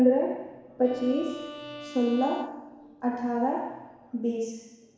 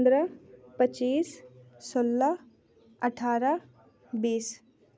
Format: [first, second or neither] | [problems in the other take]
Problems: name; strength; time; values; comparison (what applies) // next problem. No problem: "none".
second | background sound (Bowed string instrument); 15 dB below the speech // room echo; dies away in 1.1 s